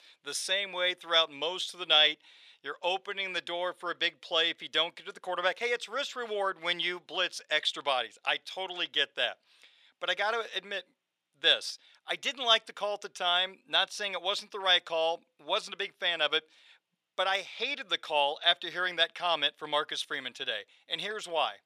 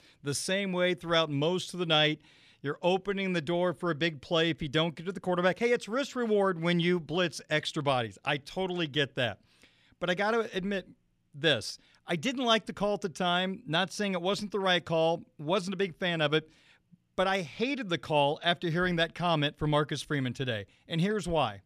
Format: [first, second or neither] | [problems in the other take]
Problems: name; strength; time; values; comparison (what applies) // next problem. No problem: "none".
second | thin; very; fading below 700 Hz